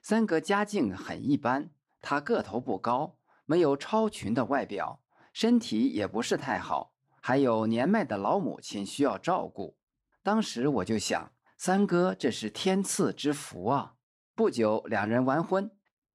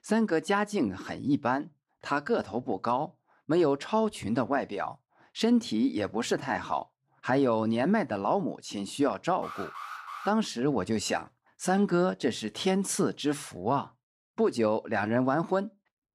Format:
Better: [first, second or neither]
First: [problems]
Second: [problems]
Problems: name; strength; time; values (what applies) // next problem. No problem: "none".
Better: first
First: none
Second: alarm; faint; at 9.5 s; peak 10 dB below the speech